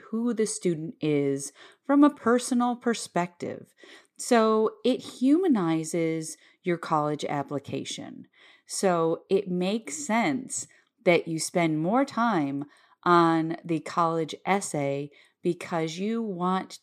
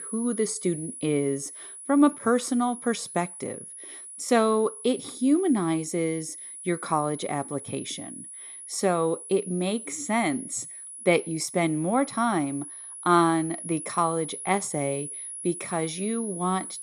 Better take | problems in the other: first | high-pitched whine; noticeable; throughout; 10.5 kHz, 10 dB below the speech

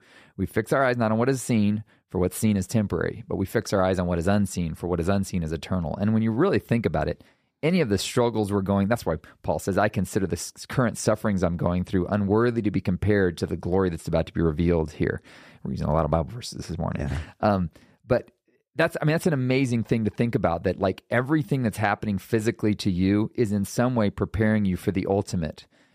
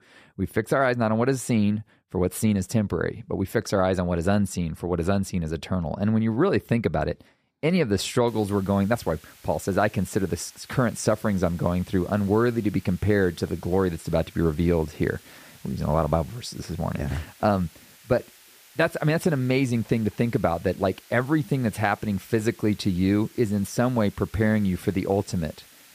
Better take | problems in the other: first | hiss; faint; from 8.5 s on; 25 dB below the speech

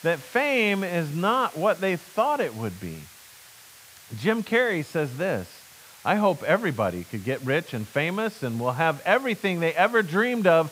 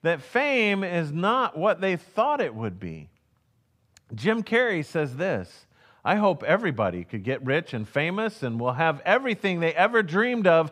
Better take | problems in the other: second | hiss; faint; throughout; 20 dB below the speech

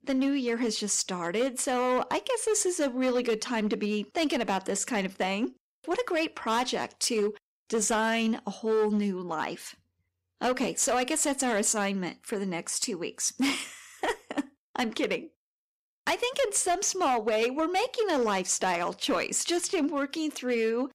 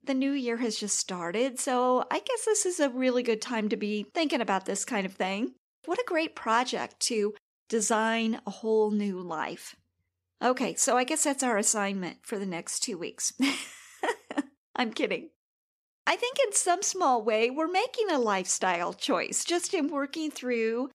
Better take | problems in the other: second | distortion; slight; 8% of the sound clipped

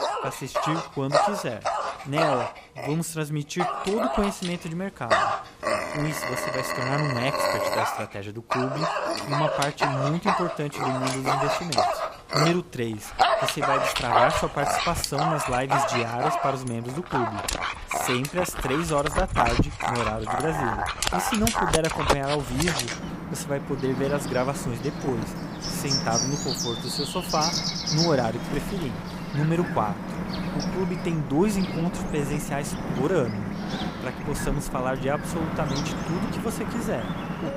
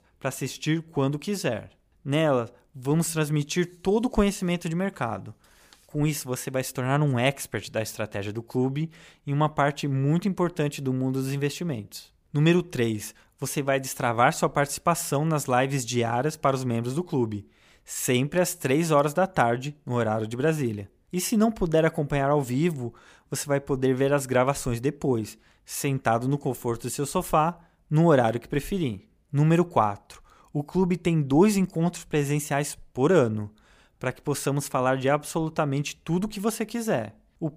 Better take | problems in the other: second | animal sounds; very loud; throughout; 1 dB above the speech

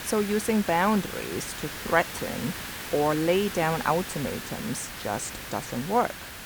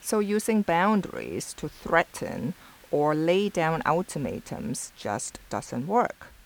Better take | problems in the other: second | hiss; loud; throughout; 8 dB below the speech; faint in the second

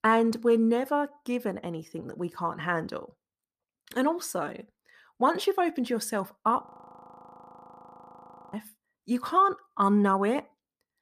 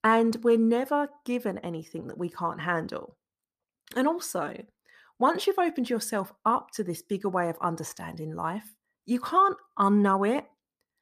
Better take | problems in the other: second | audio freezing; at 6.5 s for 2 s

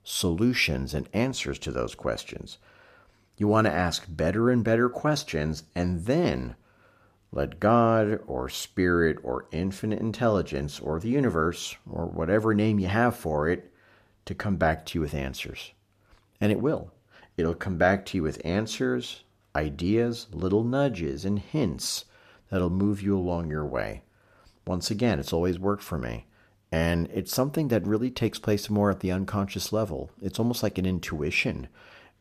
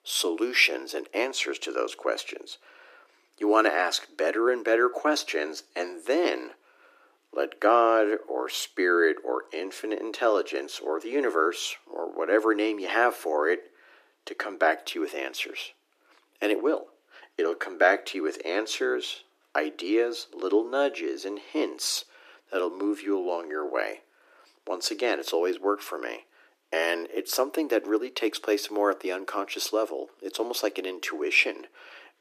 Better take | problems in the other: first | thin; very; fading below 300 Hz

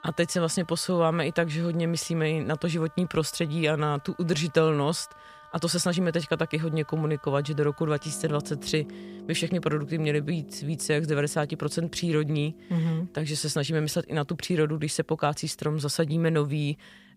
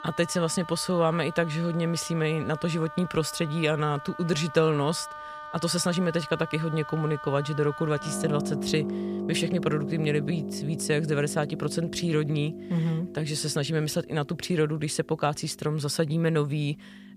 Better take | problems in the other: first | background music; loud; throughout; 9 dB below the speech; faint in the first

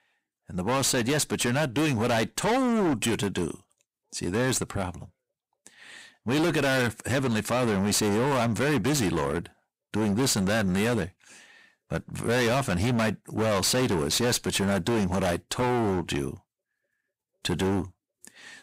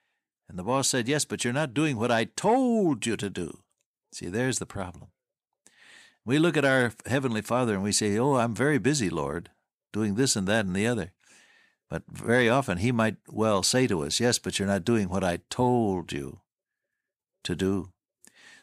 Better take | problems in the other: second | distortion; heavy; 24% of the sound clipped

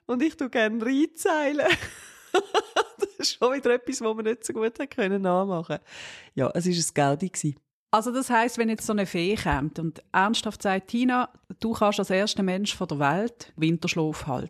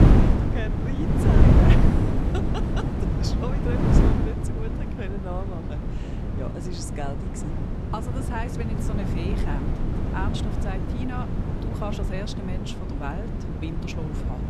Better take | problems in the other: first | wind noise on the microphone; heavy; 3 dB above the speech

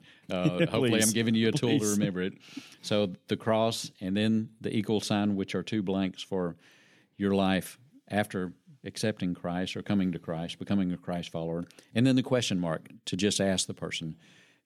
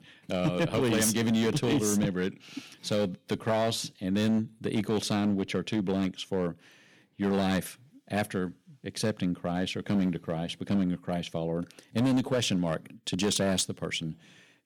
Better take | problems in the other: first | distortion; slight; 7% of the sound clipped

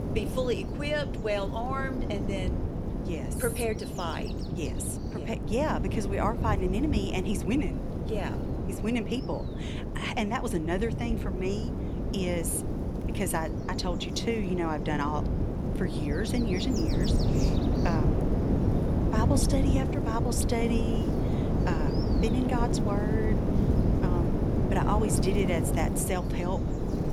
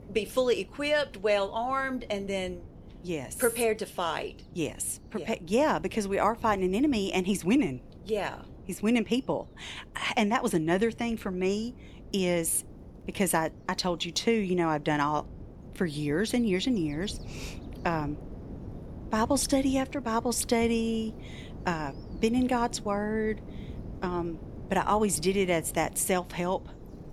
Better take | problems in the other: second | wind noise on the microphone; heavy; 3 dB below the speech; occasional gusts in the second

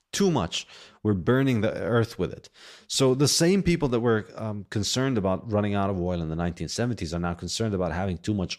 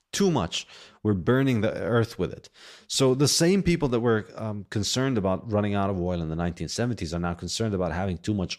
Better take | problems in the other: neither | none

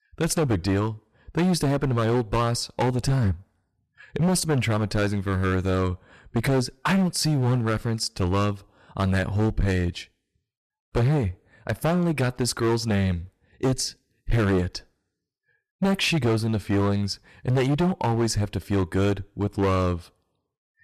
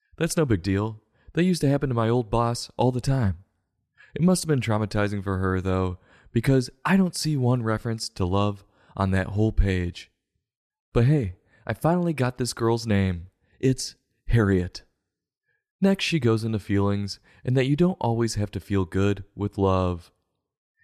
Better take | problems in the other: second | distortion; heavy; 13% of the sound clipped

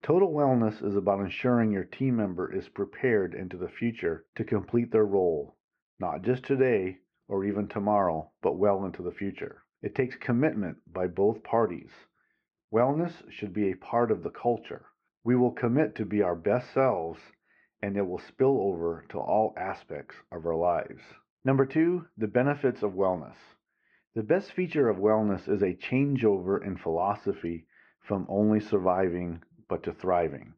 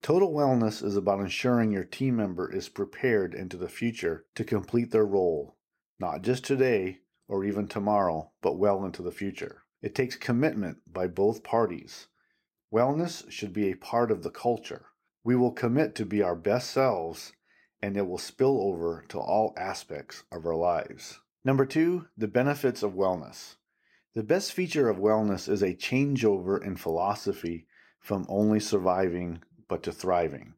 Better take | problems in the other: second | muffled; very; fading above 2.5 kHz

